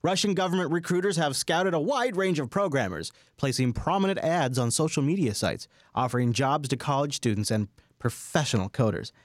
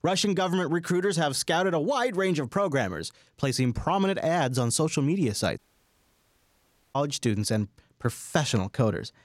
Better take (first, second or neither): first